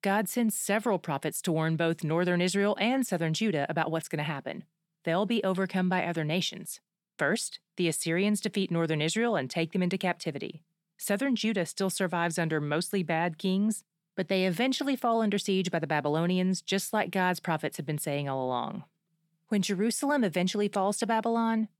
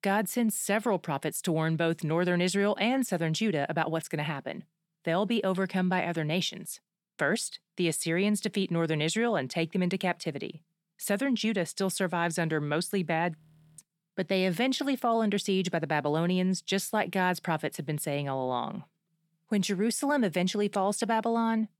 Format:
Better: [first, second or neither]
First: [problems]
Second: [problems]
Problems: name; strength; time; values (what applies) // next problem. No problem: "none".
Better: first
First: none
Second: audio freezing; at 13 s